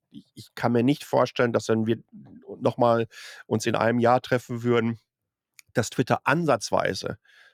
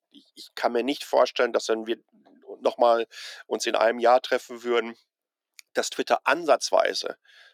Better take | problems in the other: first | thin; somewhat; fading below 300 Hz

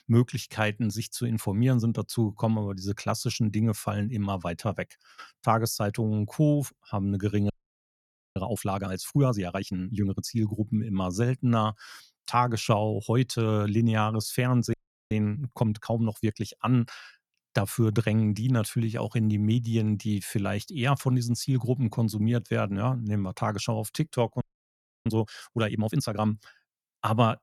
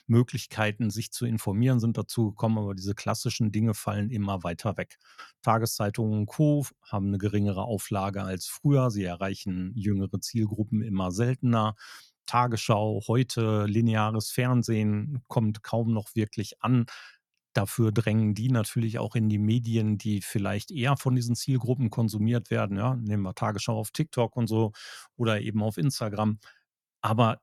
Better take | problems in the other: second | audio freezing; at 7.5 s for 1 s, at 15 s and at 24 s for 0.5 s

